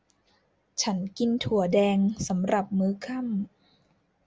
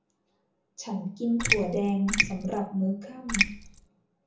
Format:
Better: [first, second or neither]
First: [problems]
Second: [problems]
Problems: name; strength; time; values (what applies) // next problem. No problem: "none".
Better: first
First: none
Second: background sound (Raindrop); 2 dB above the speech // room echo; dies away in 0.7 s